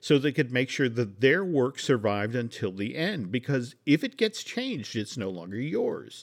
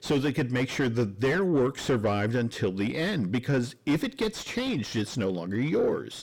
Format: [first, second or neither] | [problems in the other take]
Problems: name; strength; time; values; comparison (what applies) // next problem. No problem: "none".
first | distortion; heavy; 6 dB below the speech